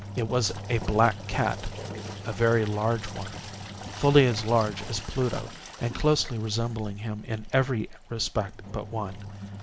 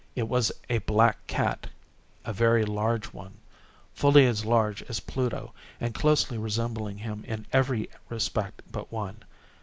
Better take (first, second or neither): second